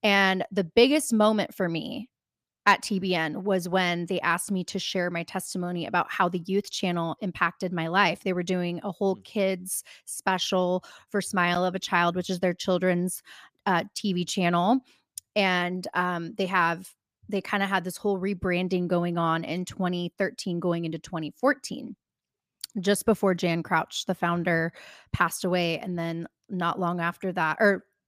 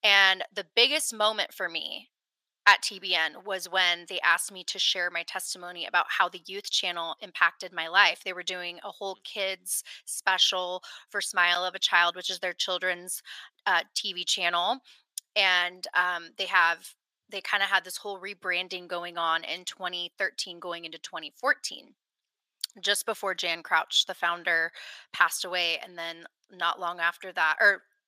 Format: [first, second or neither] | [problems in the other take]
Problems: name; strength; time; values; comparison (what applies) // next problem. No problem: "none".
first | thin; very; fading below 800 Hz